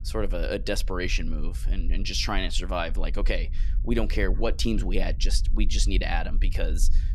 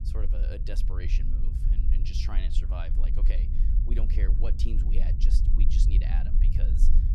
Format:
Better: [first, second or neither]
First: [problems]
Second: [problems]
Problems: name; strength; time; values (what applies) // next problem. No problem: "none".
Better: first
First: low rumble; faint; throughout; 20 dB below the speech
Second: low rumble; loud; throughout; 3 dB below the speech